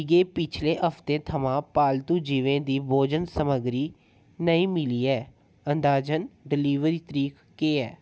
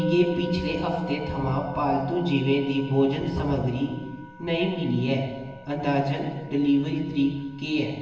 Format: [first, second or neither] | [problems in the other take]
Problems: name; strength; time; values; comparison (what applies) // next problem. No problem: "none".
first | background sound (Musical instrument); 11 dB below the speech // room echo; dies away in 1.2 s